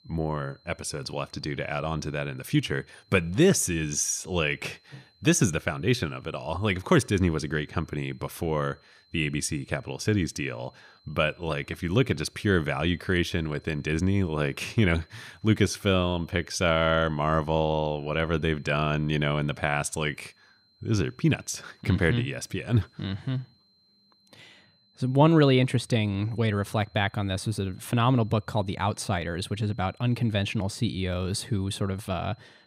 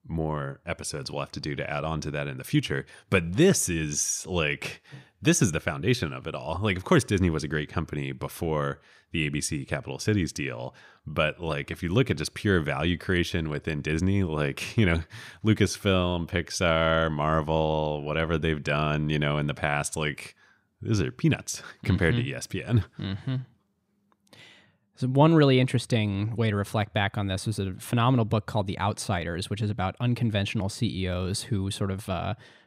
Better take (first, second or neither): second